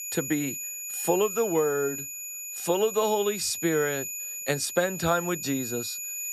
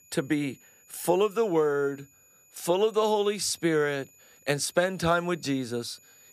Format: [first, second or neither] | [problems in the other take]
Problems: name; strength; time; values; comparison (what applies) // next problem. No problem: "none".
second | high-pitched whine; loud; throughout; 7 kHz, 5 dB below the speech; faint in the second